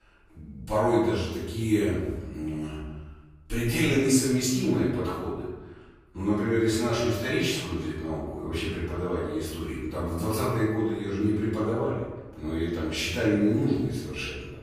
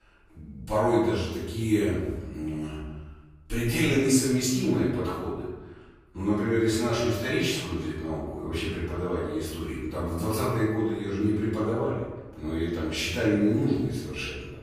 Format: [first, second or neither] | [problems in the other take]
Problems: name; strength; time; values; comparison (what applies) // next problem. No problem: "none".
neither | off-mic speech; far; the same in both // room echo; strong; dies away in 1.1 s; the same in both